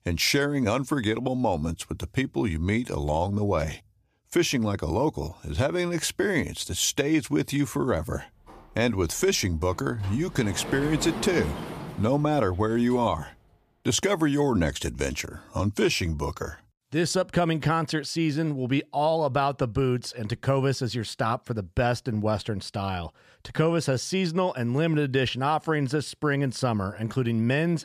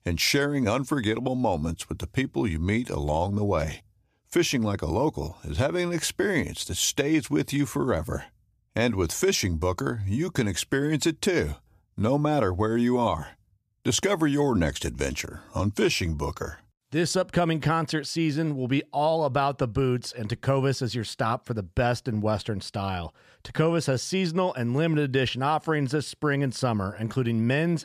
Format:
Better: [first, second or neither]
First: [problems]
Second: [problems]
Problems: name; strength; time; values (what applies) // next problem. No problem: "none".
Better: second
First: door banging; noticeable; from 8.5 to 13 s; peak 6 dB below the speech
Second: none